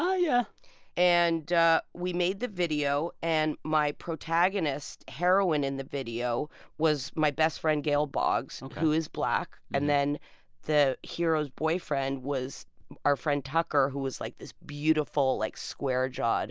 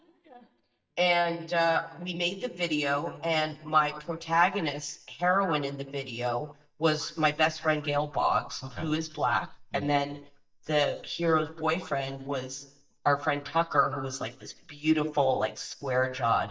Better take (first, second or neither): first